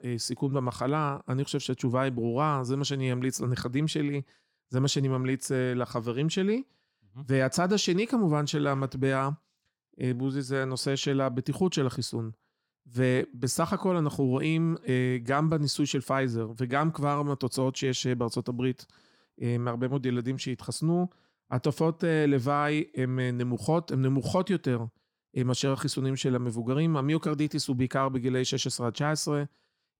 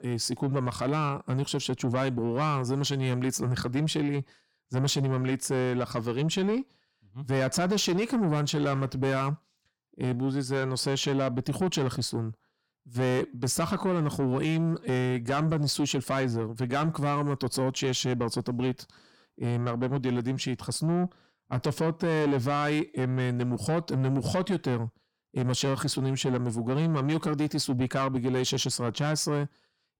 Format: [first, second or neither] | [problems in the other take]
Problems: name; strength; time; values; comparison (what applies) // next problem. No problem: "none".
first | distortion; slight; 10 dB below the speech